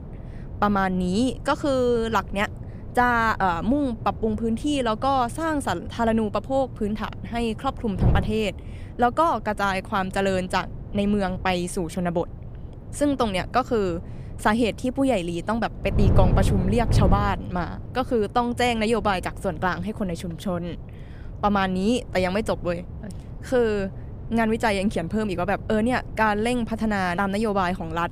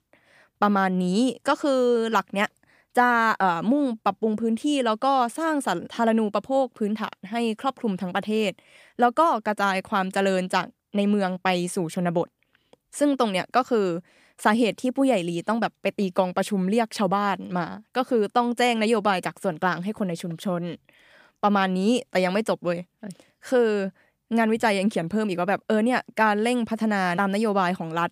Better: second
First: wind noise on the microphone; occasional gusts; 20 dB below the speech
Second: none

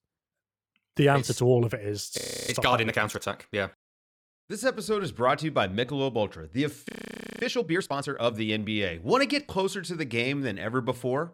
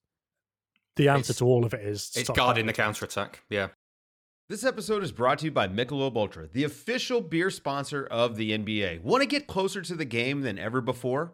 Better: second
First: audio freezing; at 2 s and at 7 s for 0.5 s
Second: none

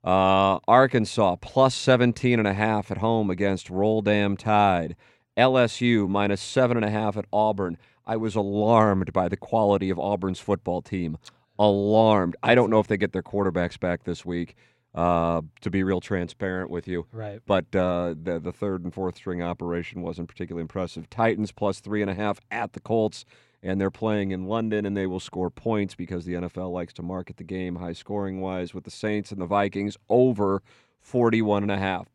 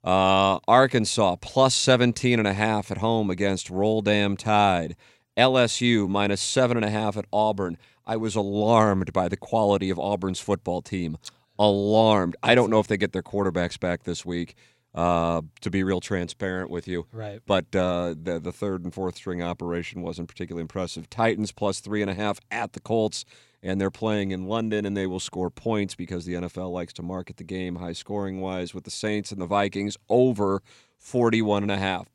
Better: second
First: muffled; slightly; fading above 3.5 kHz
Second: none

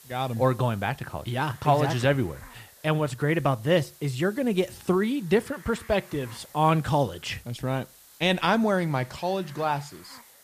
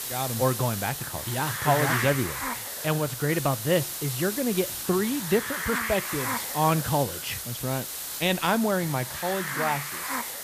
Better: first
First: hiss; faint; throughout; 25 dB below the speech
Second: hiss; loud; throughout; 3 dB below the speech

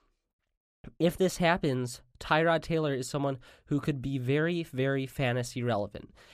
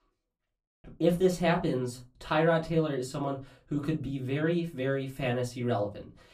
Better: first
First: none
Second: off-mic speech; far // room echo; very slight; dies away in 0.2 s

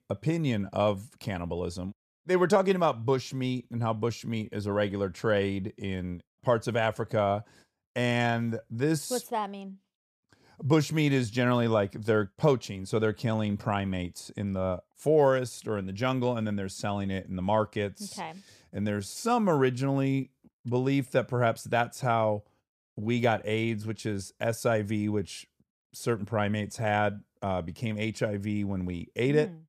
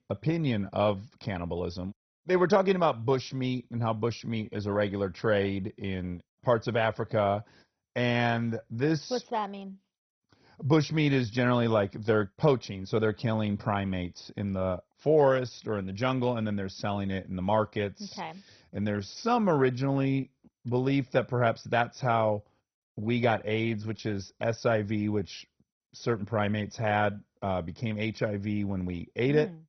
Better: first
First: none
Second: garbled, watery; badly; nothing above 6 kHz

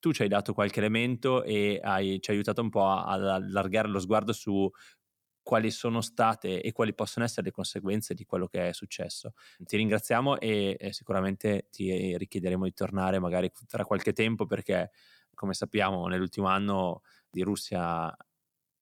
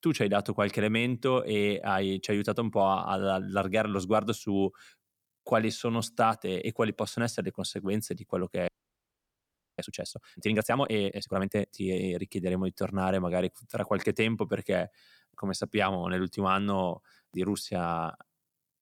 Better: first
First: none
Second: audio freezing; at 8.5 s for 1 s

